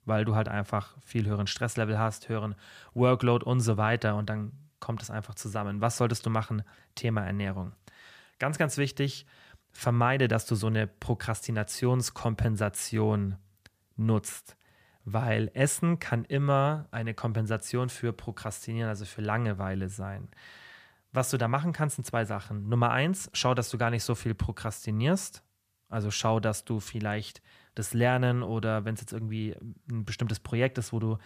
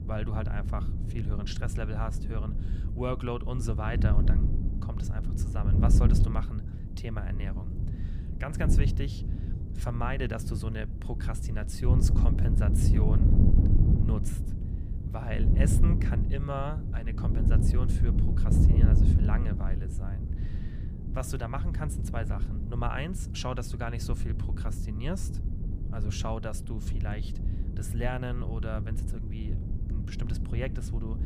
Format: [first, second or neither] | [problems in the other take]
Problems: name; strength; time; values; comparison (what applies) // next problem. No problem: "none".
first | wind noise on the microphone; heavy; 3 dB below the speech